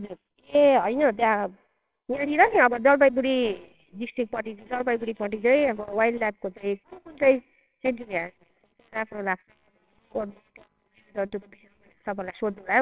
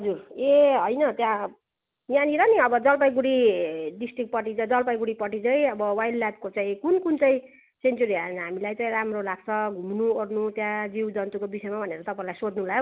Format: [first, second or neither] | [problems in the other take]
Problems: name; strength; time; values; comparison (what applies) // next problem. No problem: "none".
second | noise reduction (neural separator model SepFormer WHAMR!)